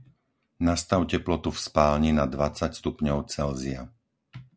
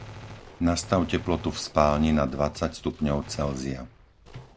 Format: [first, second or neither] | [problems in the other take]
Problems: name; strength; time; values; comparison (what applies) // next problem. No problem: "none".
first | background sound (Gunshot, gunfire); 17 dB below the speech